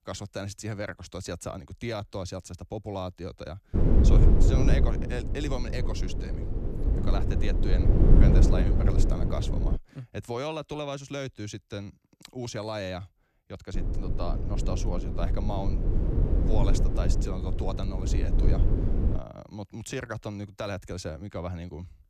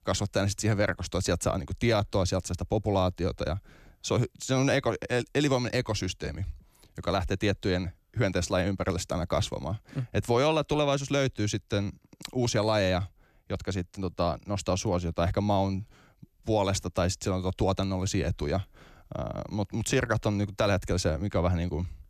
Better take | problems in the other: second | low rumble; loud; from 3.5 to 10 s and from 14 to 19 s; as loud as the speech

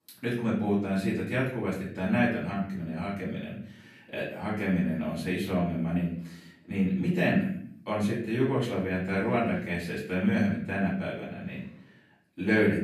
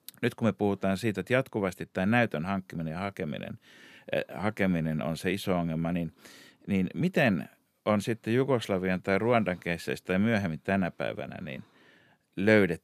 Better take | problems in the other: second | off-mic speech; far // room echo; noticeable; dies away in 0.6 s

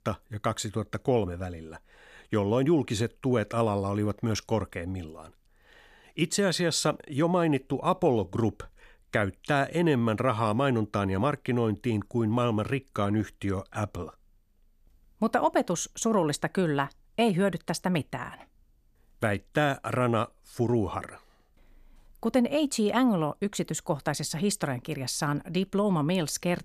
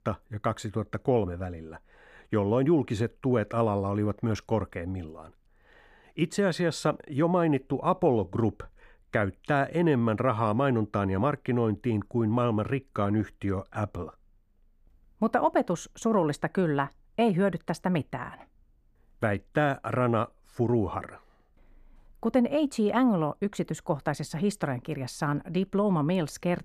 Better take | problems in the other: first | muffled; slightly; fading above 2.5 kHz

